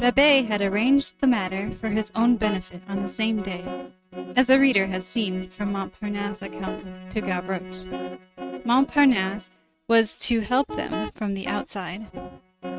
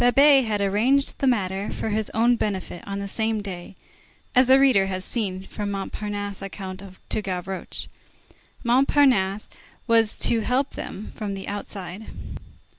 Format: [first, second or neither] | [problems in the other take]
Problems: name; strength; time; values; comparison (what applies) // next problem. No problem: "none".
second | noise reduction (neural mask model RNNoise)